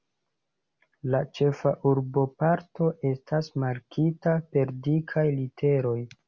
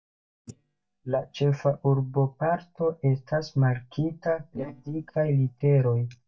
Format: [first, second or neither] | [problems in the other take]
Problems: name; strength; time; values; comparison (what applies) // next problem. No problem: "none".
first | noise reduction (neural mask model DeepFilterNet 3)